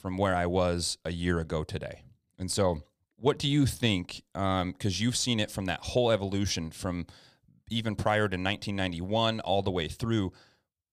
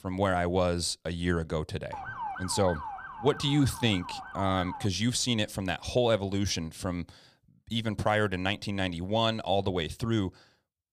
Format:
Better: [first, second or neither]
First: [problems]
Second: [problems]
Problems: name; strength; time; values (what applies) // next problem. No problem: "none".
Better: first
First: none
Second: siren; noticeable; from 2 to 5 s; peak 7 dB below the speech